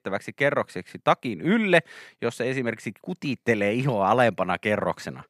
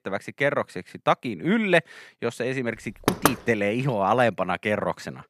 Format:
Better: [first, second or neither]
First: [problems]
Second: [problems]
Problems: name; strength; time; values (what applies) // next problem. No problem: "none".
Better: first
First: none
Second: door banging; loud; at 3 s; peak 2 dB above the speech